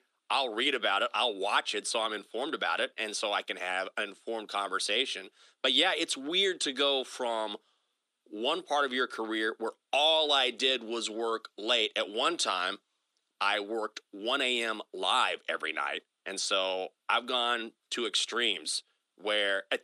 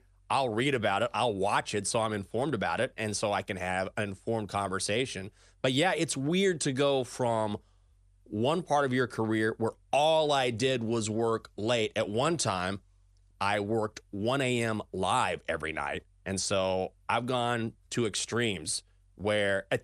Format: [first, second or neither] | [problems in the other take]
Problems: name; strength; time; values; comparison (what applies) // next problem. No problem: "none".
second | thin; somewhat; fading below 250 Hz